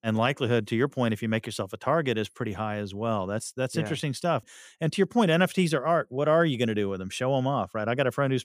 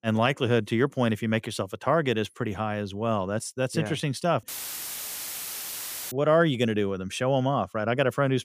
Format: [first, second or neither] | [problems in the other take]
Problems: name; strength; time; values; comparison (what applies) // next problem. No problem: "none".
first | audio cutting out; filled with static; at 4.5 s for 1.5 s